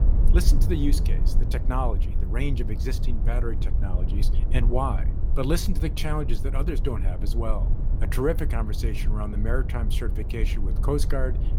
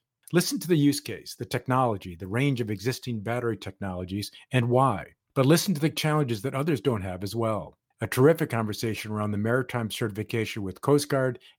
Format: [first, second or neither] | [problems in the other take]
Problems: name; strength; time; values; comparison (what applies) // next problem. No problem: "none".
second | low rumble; noticeable; throughout; 10 dB below the speech